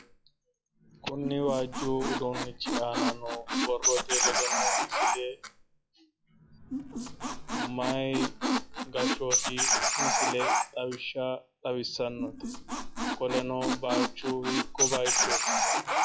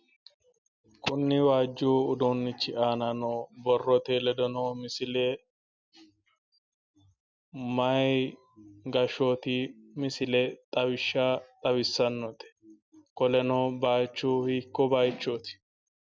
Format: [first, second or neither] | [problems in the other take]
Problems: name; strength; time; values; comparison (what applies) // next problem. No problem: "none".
second | noise reduction (classical method log-MMSE)